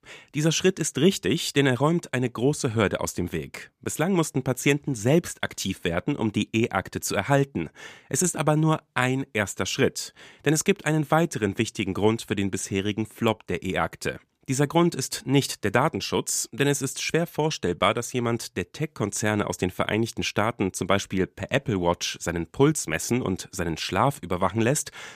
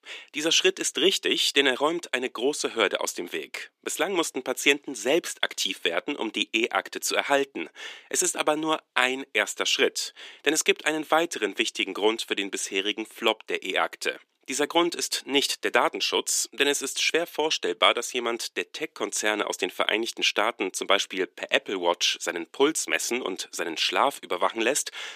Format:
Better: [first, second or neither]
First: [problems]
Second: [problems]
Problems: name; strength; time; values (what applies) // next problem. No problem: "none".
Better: first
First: none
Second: thin; somewhat; fading below 300 Hz